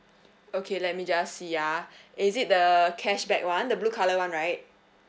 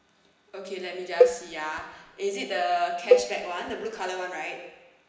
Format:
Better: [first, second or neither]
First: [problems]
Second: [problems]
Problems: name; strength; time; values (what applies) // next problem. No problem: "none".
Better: first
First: none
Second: background sound (Cowbell); 5 dB above the speech // room echo; dies away in 1 s